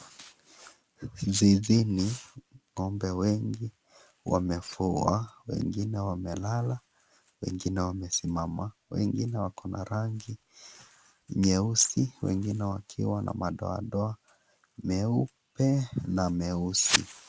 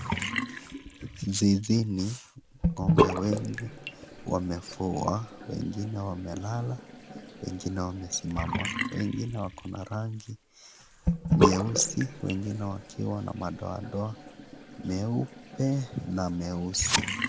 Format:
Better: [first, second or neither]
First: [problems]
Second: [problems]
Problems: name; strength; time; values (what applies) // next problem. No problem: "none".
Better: first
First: none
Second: background sound (Bathtub (filling or washing) / Sink (filling or washing)); 2 dB below the speech